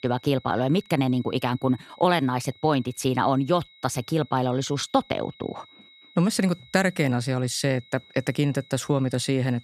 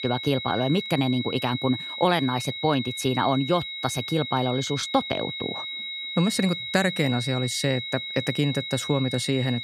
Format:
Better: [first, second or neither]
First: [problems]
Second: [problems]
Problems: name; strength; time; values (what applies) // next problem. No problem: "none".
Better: first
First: high-pitched whine; faint; throughout; 4 kHz, 25 dB below the speech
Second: high-pitched whine; loud; throughout; 4 kHz, 6 dB below the speech